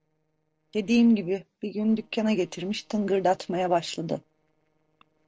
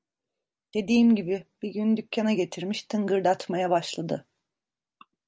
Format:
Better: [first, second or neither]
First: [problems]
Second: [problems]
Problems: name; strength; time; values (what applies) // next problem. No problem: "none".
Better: second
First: noise reduction (neural separator model SepFormer DNS4)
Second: none